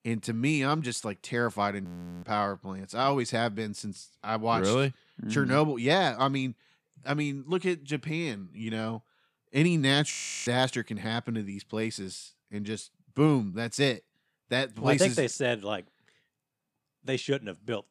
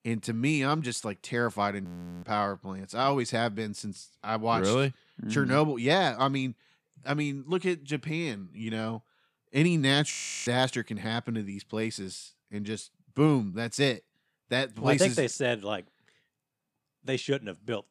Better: neither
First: audio freezing; at 2 s and at 10 s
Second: audio freezing; at 2 s and at 10 s

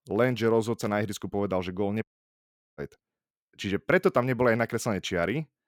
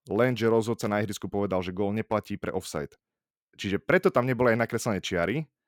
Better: second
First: audio cutting out; at 2 s for 0.5 s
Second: none

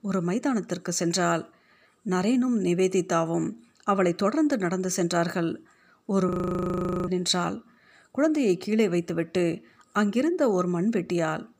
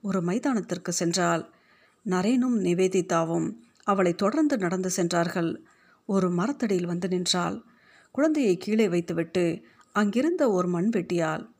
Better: second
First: audio freezing; at 6.5 s for 1 s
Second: none

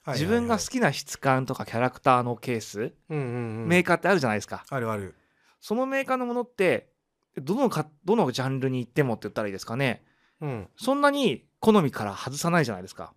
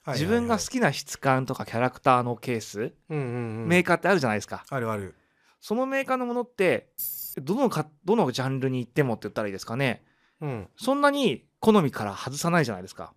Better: first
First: none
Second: jangling keys; noticeable; at 7 s; peak 5 dB below the speech

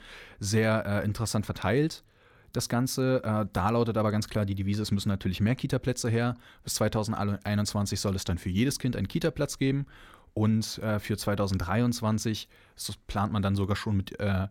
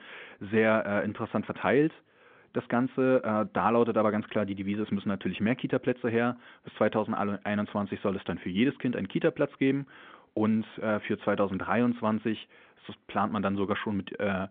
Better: first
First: none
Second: phone-call audio

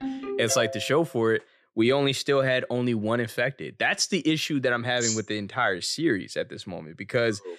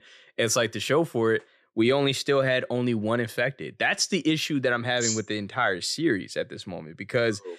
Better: second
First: phone ringing; noticeable; until 1 s; peak 6 dB below the speech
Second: none

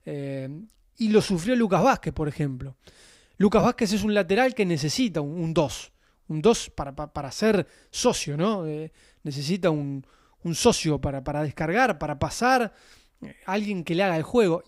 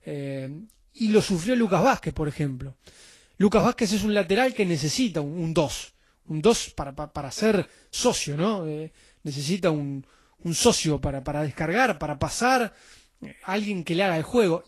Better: first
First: none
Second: garbled, watery; slightly; nothing above 12 kHz

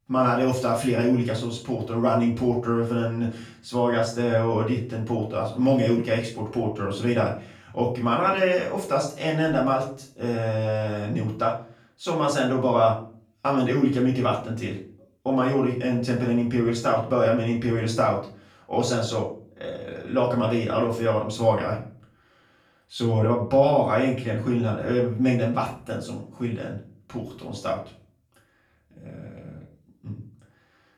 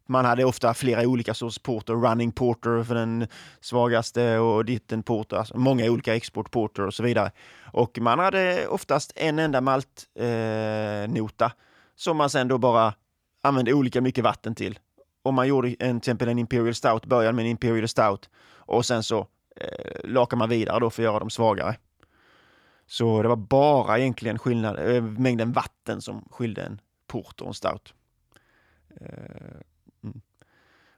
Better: second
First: off-mic speech; far // room echo; slight; dies away in 0.4 s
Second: none

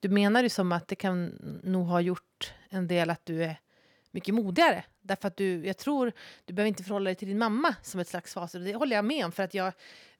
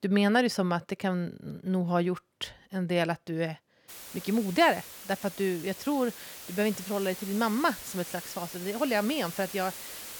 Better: first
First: none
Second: hiss; noticeable; from 4 s on; 10 dB below the speech

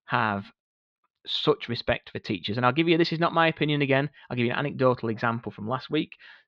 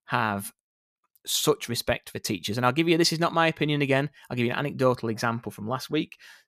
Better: second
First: muffled; slightly; fading above 4 kHz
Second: none

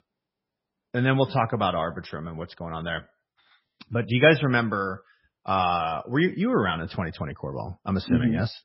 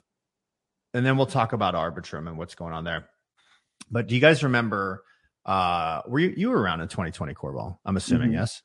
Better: second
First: garbled, watery; badly; nothing above 5.5 kHz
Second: garbled, watery; slightly; nothing above 10 kHz

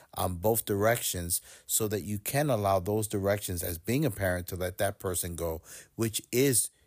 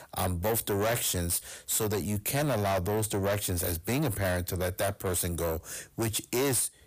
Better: first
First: none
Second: distortion; heavy; 7 dB below the speech

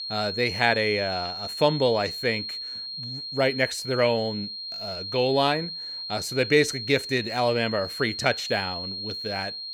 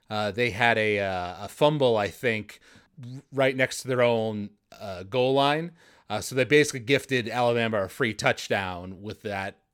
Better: second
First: high-pitched whine; loud; throughout; 4 kHz, 6 dB below the speech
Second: none

